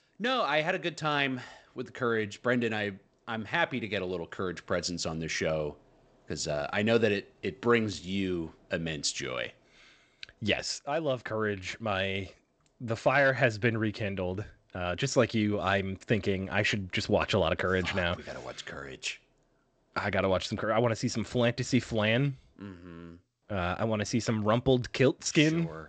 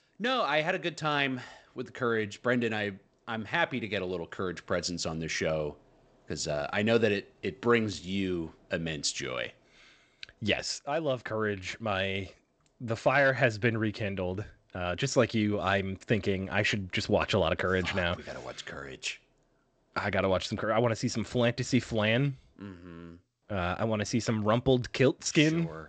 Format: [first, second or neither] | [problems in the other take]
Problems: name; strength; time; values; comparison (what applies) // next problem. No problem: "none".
neither | garbled, watery; slightly; nothing above 8 kHz; the same in both